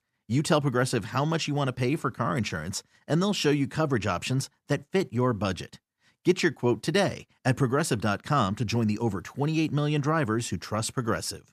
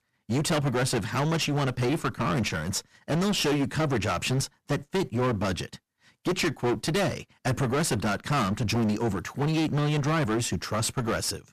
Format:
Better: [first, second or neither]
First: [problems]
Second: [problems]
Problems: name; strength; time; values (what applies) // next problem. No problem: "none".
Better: first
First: none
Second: distortion; heavy; 22% of the sound clipped